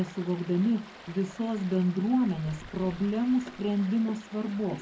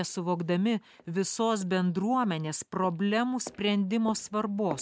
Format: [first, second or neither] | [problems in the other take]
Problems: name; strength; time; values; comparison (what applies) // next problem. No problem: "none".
second | background sound (Stream); 18 dB below the speech // room echo; dies away in 0.3 s